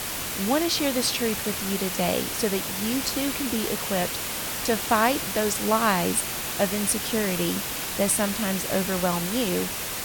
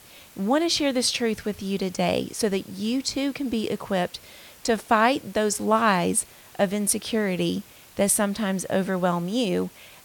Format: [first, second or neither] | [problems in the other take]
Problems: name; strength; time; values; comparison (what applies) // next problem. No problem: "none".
second | hiss; loud; throughout; 2 dB below the speech; faint in the second